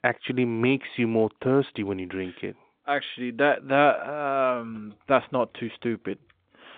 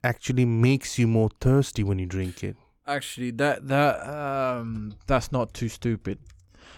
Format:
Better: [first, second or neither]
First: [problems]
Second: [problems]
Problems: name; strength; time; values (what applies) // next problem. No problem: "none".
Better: second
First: phone-call audio; nothing above 3.5 kHz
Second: none